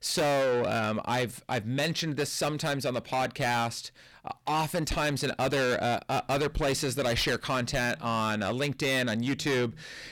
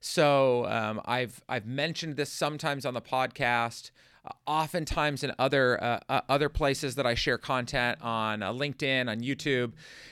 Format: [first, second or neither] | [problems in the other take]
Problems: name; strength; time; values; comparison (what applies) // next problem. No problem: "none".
second | distortion; heavy; 6 dB below the speech